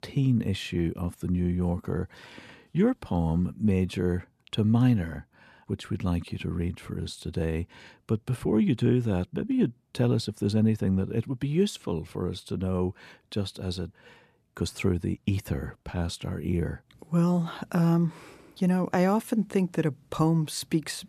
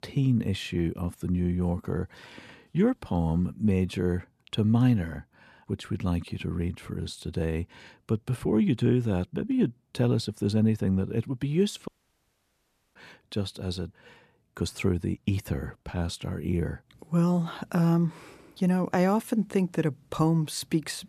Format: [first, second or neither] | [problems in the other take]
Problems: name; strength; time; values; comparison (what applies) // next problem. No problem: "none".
first | audio cutting out; at 12 s for 1 s